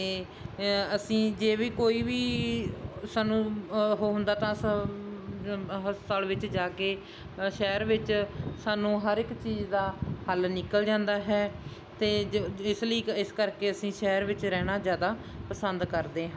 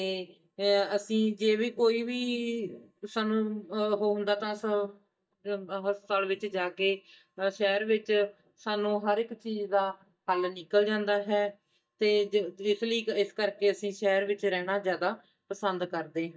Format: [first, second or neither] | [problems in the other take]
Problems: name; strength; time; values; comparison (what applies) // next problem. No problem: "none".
first | noise reduction (neural mask model DeepFilterNet 3)